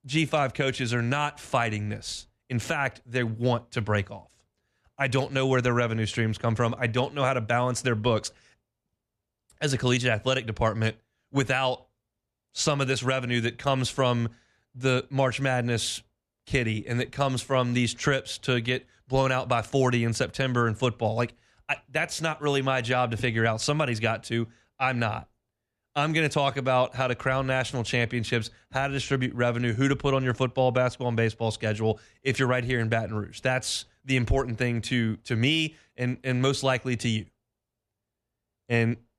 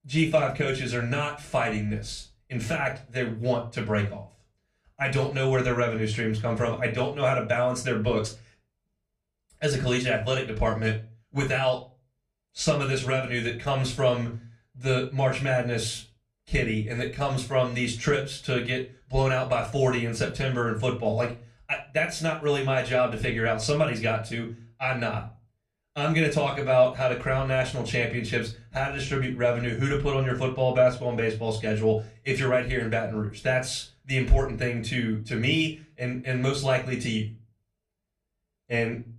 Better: first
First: none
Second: off-mic speech; far // room echo; very slight; dies away in 0.3 s

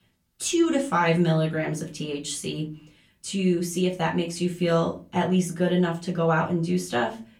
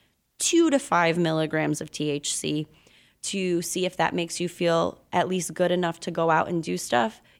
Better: second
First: off-mic speech; far // room echo; very slight; dies away in 0.3 s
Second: none

